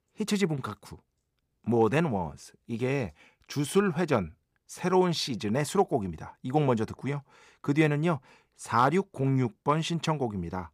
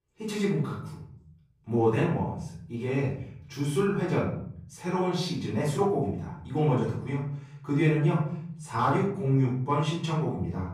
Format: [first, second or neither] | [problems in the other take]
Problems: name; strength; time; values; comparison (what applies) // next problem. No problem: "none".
first | off-mic speech; far // room echo; noticeable; dies away in 0.9 s